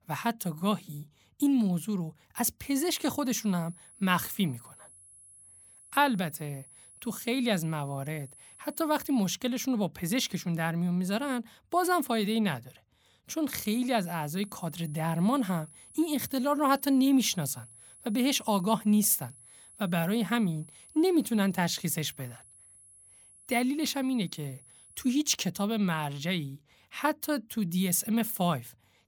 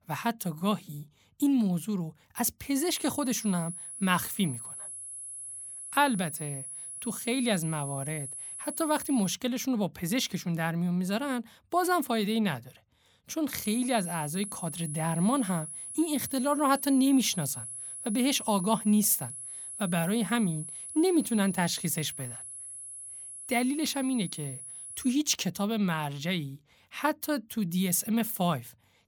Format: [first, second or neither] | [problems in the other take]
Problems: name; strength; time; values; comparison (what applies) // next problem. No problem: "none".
first | high-pitched whine; loud; from 3 to 9.5 s and from 14 to 25 s; 10.5 kHz, 9 dB below the speech; faint in the first